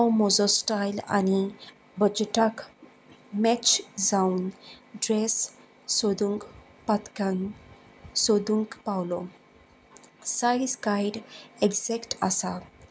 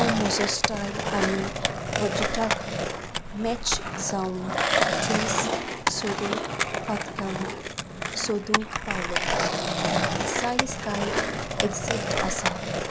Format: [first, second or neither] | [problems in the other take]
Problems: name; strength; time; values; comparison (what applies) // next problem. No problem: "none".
first | background sound (Skateboard); 4 dB above the speech